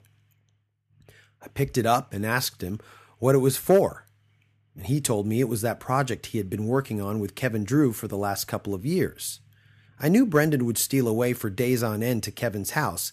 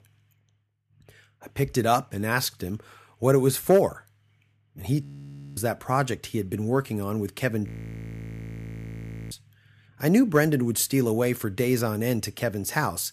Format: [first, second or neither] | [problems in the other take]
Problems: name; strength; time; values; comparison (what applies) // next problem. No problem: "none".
first | audio freezing; at 5 s for 0.5 s and at 7.5 s for 1.5 s